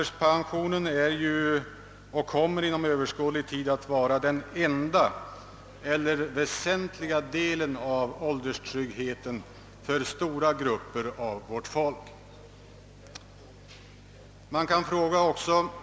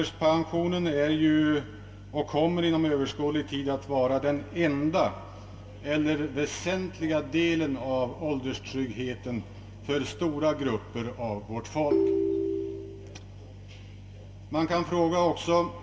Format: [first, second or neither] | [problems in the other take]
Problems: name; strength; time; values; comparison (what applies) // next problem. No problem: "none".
first | background sound (Ringtone); as loud as the speech // room echo; dies away in 0.2 s